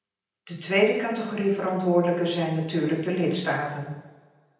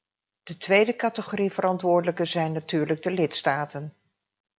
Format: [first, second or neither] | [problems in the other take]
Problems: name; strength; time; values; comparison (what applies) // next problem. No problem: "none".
second | room echo; dies away in 0.9 s